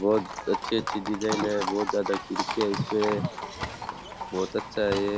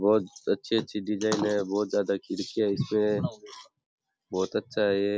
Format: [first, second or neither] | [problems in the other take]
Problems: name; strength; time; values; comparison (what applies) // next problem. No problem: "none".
second | background sound (Livestock, farm animals, working animals); 6 dB below the speech